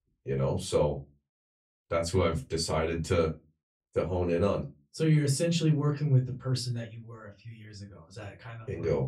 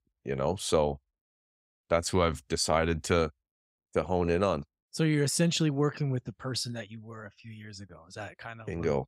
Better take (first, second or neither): second